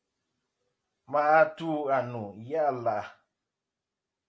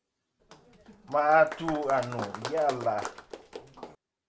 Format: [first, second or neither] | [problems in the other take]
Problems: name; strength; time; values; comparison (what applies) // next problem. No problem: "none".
first | background sound (Applause); 11 dB below the speech